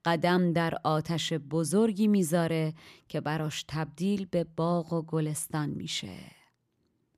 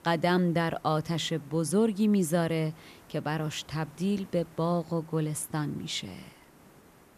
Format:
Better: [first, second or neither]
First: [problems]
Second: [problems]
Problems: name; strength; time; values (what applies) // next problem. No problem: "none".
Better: first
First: none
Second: hiss; faint; throughout; 25 dB below the speech